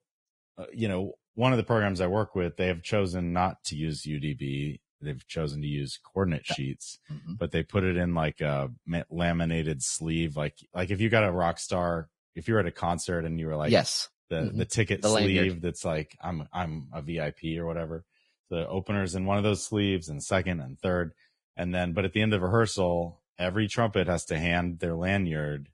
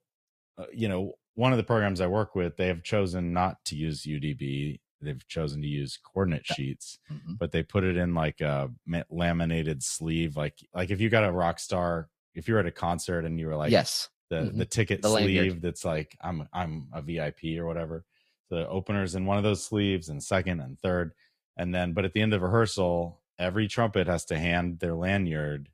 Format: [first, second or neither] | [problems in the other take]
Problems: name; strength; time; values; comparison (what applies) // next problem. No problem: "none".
second | garbled, watery; badly; nothing above 10 kHz; slightly in the second